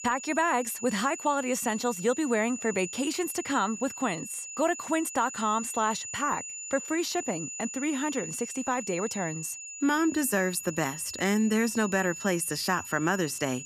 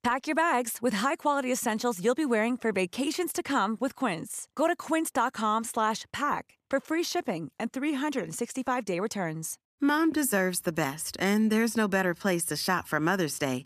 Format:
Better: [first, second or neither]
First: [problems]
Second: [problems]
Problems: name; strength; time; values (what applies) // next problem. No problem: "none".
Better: second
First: high-pitched whine; loud; throughout; 7 kHz, 9 dB below the speech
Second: none